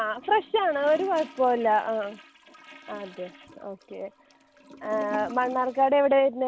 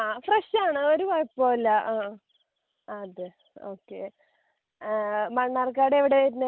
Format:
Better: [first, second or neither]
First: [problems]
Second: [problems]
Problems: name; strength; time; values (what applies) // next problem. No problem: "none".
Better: second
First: background sound (Toilet flush / Gurgling); 18 dB below the speech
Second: none